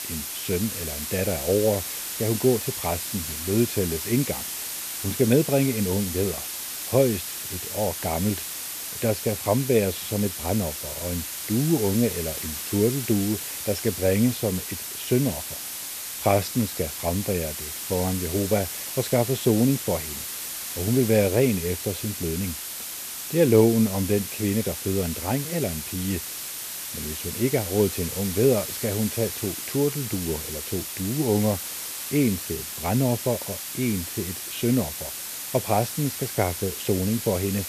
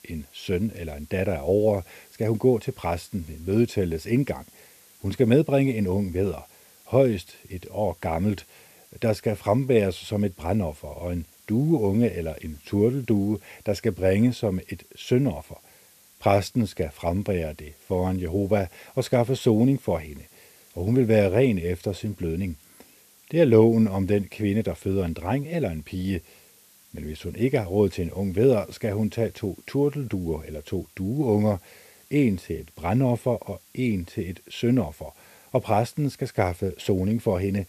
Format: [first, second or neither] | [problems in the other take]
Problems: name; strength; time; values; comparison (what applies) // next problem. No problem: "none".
second | hiss; loud; throughout; 5 dB below the speech; faint in the second